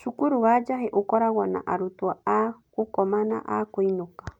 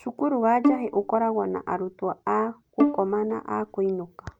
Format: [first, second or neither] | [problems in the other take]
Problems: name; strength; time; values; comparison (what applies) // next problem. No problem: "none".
first | background sound (Bowed string instrument); 2 dB below the speech